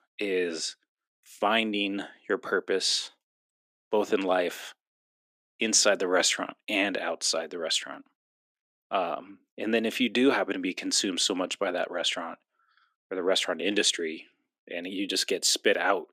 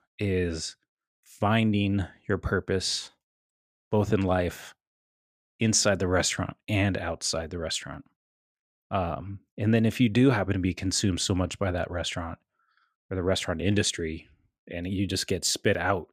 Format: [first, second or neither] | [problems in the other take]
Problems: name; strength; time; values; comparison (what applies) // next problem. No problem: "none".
second | thin; somewhat; fading below 300 Hz